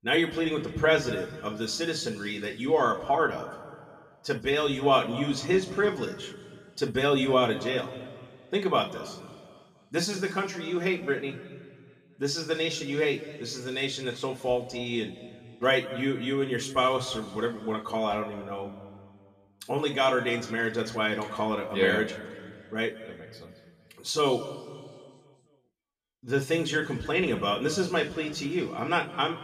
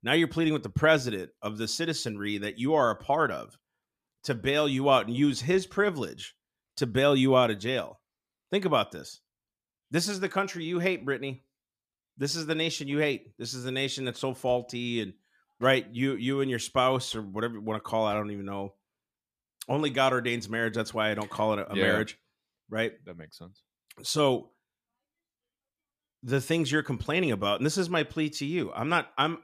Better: second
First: room echo; slight; dies away in 1.8 s // off-mic speech; somewhat distant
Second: none

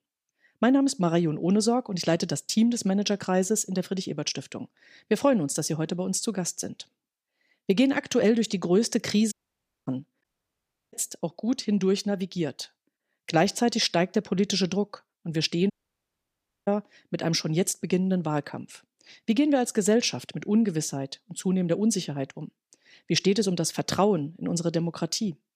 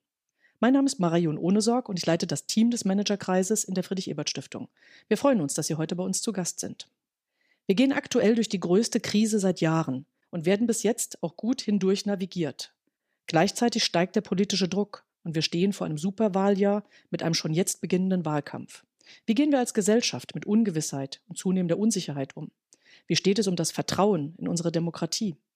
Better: second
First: audio cutting out; at 9.5 s for 0.5 s, at 10 s for 0.5 s and at 16 s for 1 s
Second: none

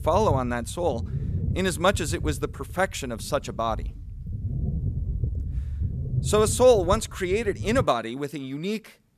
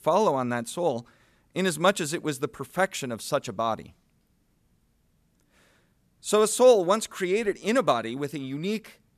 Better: second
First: low rumble; noticeable; until 8 s; 20 dB below the speech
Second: none

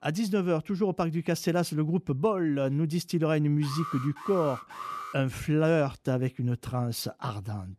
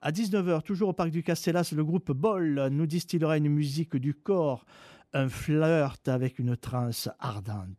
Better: second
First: alarm; noticeable; from 3.5 to 5 s; peak 9 dB below the speech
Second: none

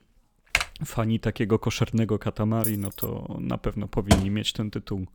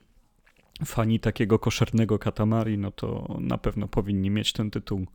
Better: second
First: keyboard typing; loud; at 0.5 s; peak 2 dB above the speech // jangling keys; noticeable; at 2.5 s; peak 1 dB below the speech // door banging; loud; at 4 s; peak 3 dB above the speech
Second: none

